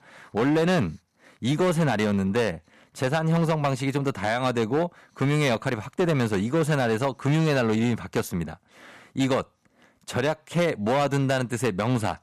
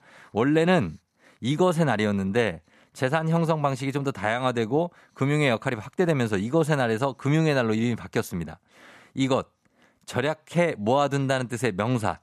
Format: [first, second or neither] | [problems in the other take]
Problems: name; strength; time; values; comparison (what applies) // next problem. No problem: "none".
second | distortion; slight; 11% of the sound clipped